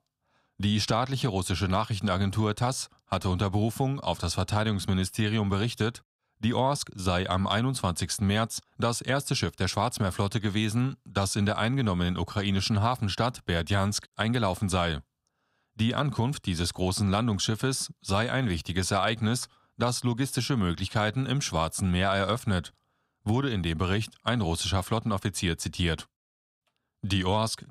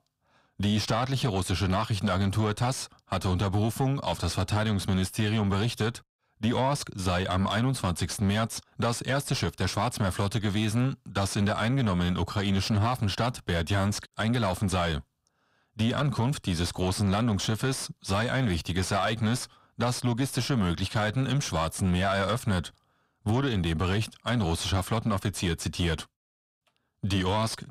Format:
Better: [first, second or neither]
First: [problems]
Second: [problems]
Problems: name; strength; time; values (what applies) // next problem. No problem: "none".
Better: first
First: none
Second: distortion; slight; 10 dB below the speech